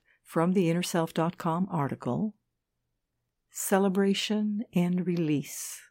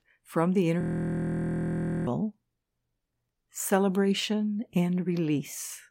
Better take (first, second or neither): first